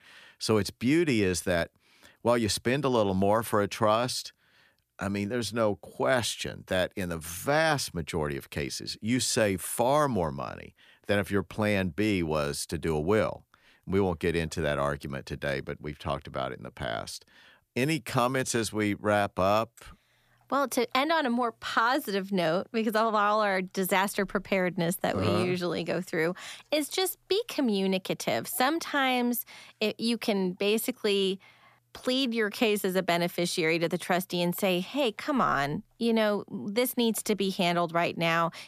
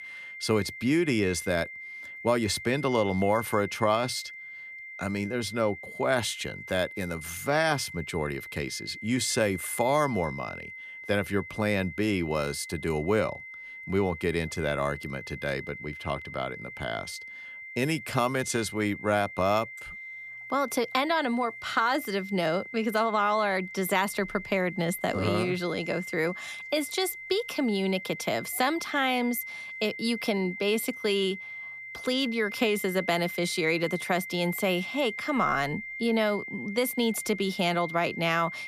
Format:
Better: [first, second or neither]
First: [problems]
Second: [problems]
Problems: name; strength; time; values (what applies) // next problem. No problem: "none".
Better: first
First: none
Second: high-pitched whine; noticeable; throughout; 2 kHz, 10 dB below the speech